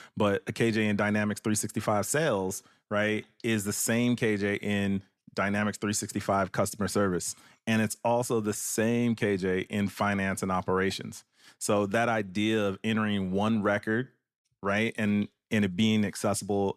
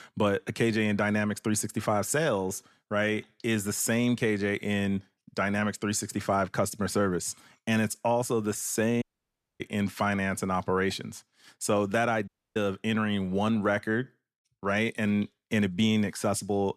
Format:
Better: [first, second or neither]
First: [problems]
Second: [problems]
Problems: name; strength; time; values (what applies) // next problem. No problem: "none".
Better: first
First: none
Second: audio cutting out; at 9 s for 0.5 s and at 12 s